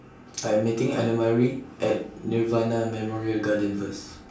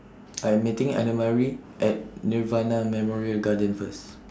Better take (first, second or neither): second